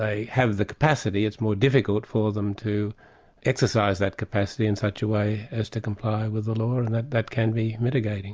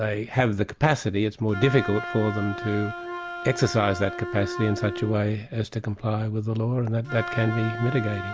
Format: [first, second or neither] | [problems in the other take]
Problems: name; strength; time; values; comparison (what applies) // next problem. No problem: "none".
first | background sound (Wind instrument, woodwind instrument); 11 dB below the speech